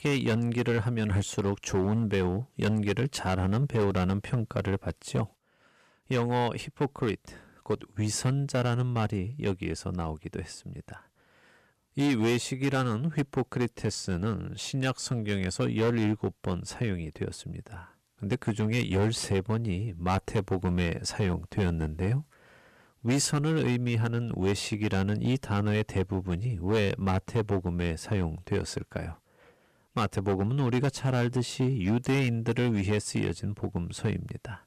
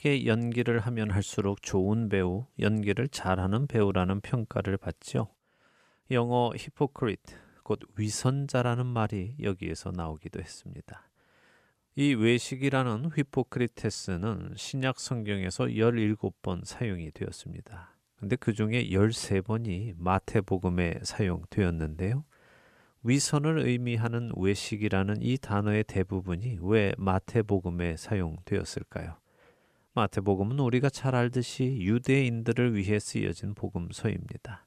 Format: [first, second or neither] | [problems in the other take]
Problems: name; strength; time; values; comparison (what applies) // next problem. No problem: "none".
second | distortion; slight; 7% of the sound clipped